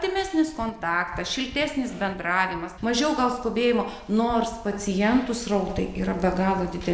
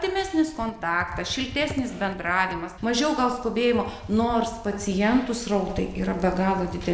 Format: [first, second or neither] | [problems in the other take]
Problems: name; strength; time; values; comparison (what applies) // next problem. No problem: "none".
first | background sound (Computer keyboard); 19 dB below the speech